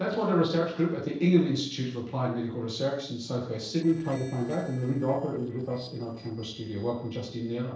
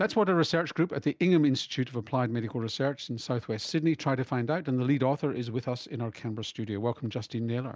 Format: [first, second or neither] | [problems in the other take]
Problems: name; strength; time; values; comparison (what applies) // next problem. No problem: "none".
second | noise reduction (neural separator model SepFormer DNS4)